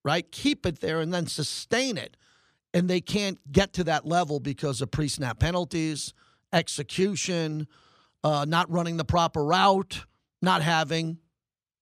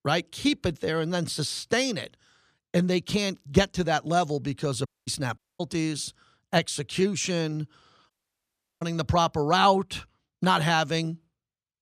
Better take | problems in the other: first | audio cutting out; at 5 s, at 5.5 s and at 8 s for 0.5 s

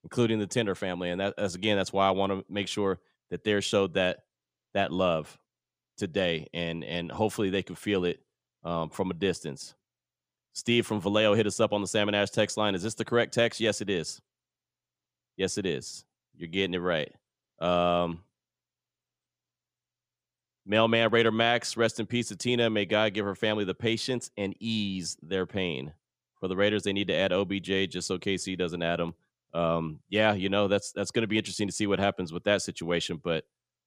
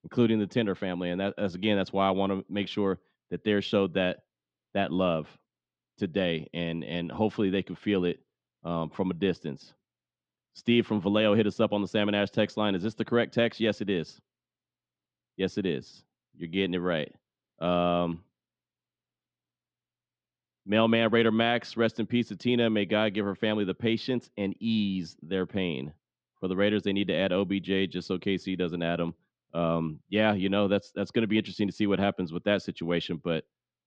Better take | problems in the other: first | muffled; slightly; fading above 4.5 kHz

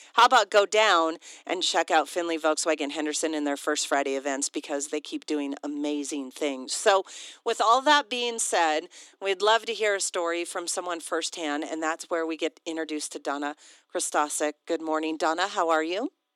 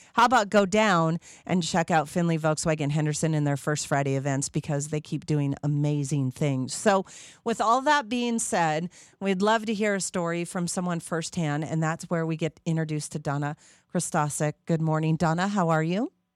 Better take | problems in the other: second | thin; somewhat; fading below 300 Hz

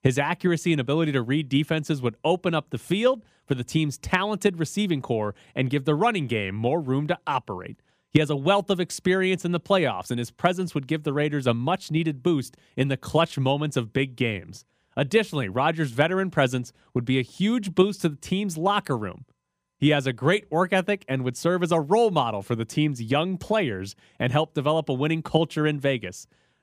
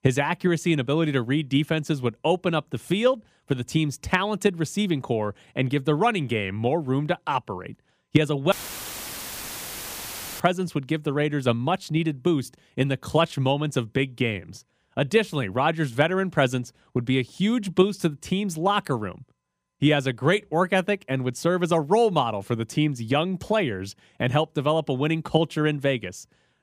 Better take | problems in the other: first | audio cutting out; filled with static; at 8.5 s for 2 s

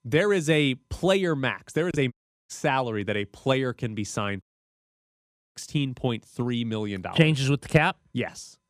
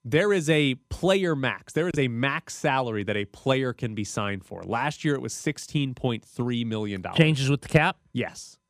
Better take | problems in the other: second | audio cutting out; at 2 s and at 4.5 s for 1 s

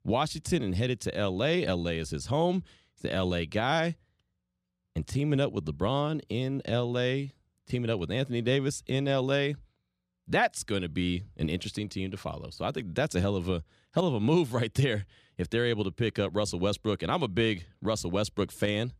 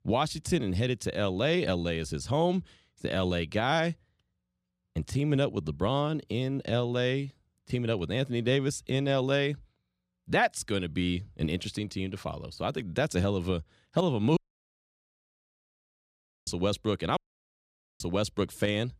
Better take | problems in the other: first | audio cutting out; at 14 s for 2 s and at 17 s for 1 s

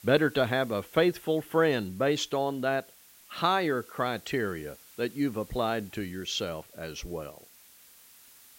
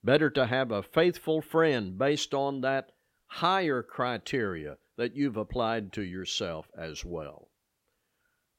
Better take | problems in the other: second | hiss; faint; throughout; 25 dB below the speech

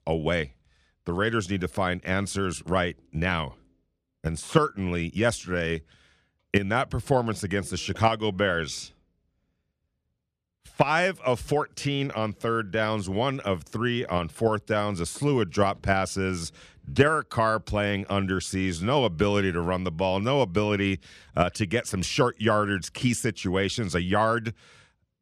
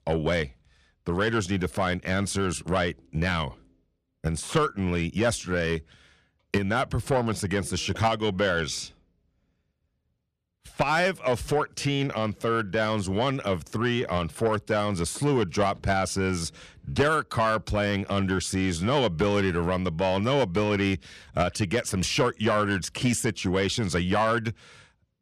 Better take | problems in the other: first | distortion; slight; 10 dB below the speech

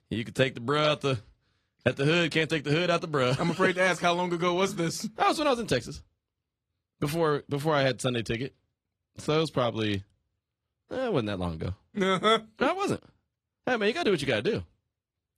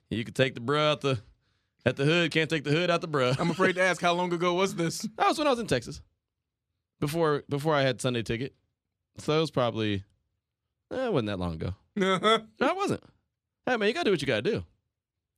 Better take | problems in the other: second | garbled, watery; slightly; nothing above 14 kHz

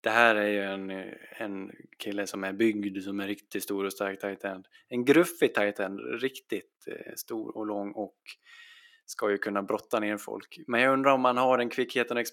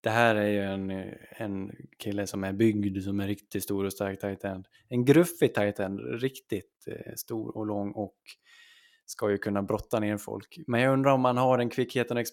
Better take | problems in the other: second | thin; very slightly; fading below 300 Hz

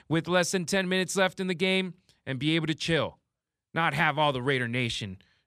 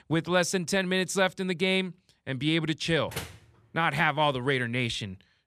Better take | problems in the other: first | door banging; faint; at 3 s; peak 10 dB below the speech

